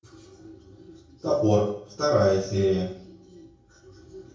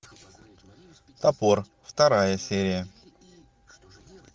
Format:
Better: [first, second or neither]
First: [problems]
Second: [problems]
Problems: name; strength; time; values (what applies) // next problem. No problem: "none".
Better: second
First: room echo; dies away in 0.6 s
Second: none